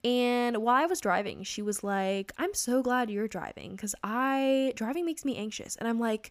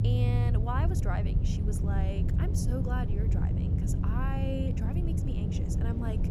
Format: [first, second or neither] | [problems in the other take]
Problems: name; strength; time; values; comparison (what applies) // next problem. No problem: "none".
first | low rumble; loud; throughout; 2 dB below the speech